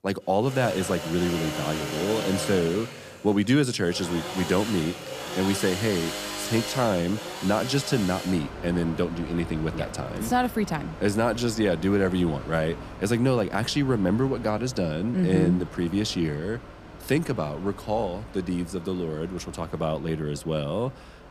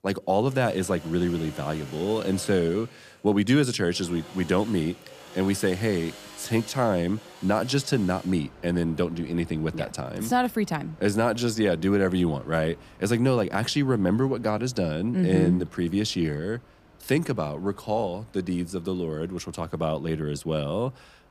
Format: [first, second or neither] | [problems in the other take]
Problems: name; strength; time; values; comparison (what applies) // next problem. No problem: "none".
second | machinery noise; loud; throughout; 10 dB below the speech; faint in the second